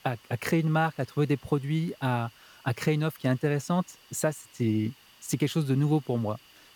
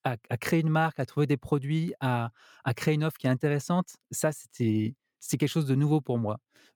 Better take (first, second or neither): second